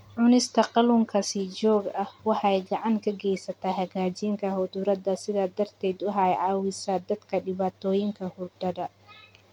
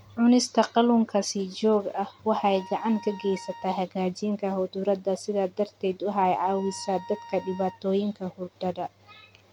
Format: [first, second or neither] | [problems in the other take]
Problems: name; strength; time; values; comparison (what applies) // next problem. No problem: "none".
first | background sound (Wind instrument, woodwind instrument); 18 dB below the speech